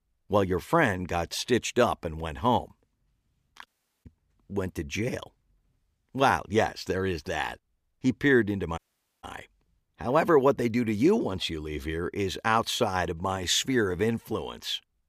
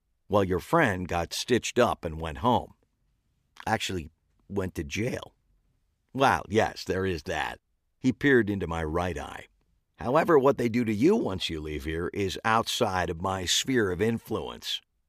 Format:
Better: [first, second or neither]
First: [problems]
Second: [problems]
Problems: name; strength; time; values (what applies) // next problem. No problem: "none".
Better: second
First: audio cutting out; at 3.5 s and at 9 s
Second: none